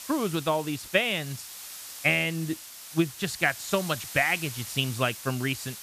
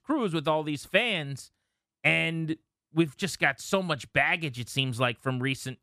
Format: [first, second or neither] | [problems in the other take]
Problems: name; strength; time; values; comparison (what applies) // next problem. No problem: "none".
second | hiss; noticeable; throughout; 10 dB below the speech